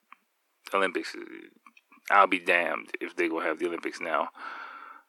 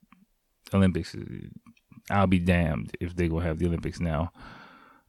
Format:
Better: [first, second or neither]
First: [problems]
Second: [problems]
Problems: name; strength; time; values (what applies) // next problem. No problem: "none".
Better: second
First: thin; very; fading below 300 Hz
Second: none